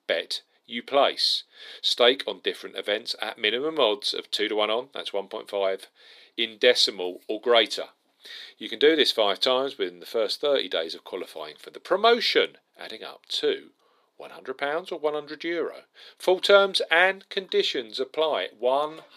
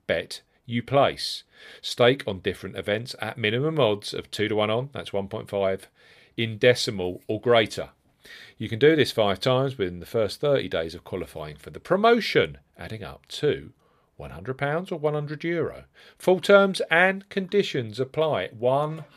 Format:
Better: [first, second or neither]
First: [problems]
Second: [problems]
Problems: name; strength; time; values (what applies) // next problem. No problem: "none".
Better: second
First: thin; somewhat; fading below 300 Hz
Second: none